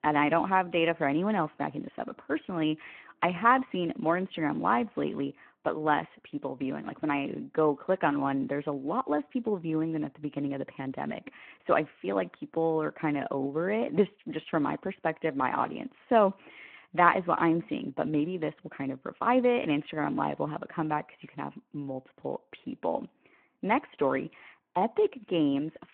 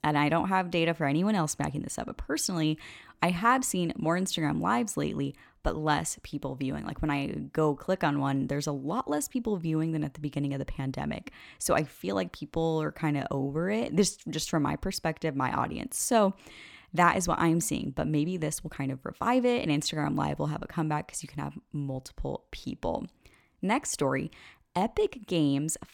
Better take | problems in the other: second | phone-call audio

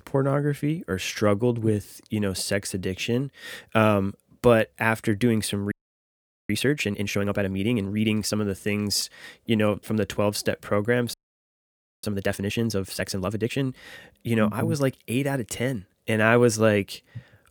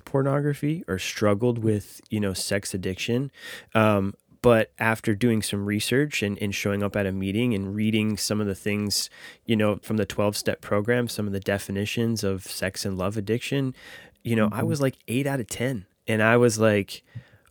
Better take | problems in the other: second | audio freezing; at 5.5 s for 1 s and at 11 s for 1 s

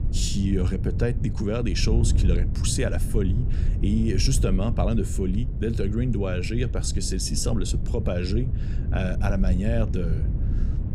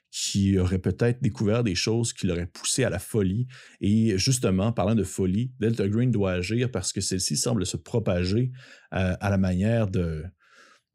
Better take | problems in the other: second | wind noise on the microphone; occasional gusts; 10 dB below the speech

